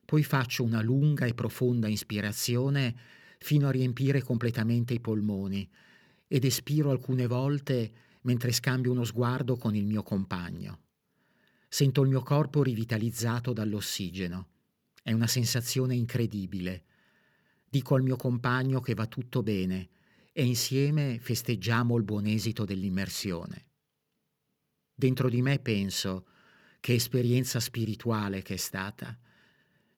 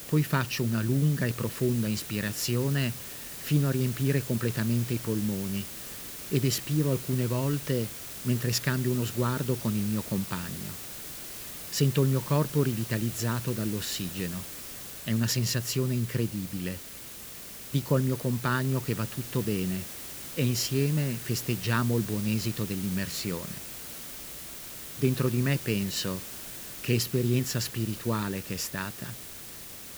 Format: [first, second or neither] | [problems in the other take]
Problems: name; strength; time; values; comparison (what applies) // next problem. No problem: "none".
first | hiss; loud; throughout; 9 dB below the speech